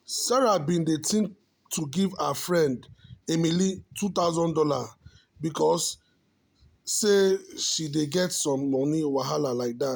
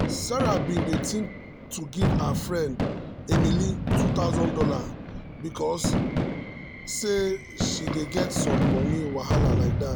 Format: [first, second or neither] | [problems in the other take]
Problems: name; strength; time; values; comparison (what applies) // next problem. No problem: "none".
first | background sound (Fireworks); 4 dB above the speech